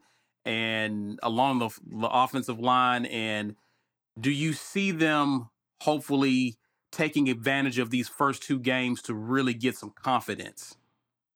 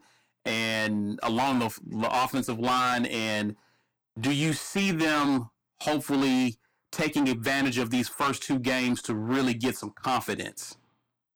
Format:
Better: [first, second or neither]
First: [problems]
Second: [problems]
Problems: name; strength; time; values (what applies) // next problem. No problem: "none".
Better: first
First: none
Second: distortion; heavy; 15% of the sound clipped